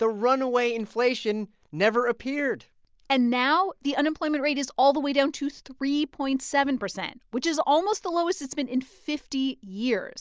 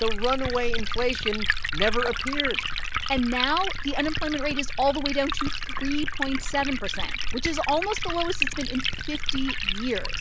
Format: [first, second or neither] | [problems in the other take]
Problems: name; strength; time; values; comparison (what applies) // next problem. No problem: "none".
first | background sound (Liquid); 1 dB above the speech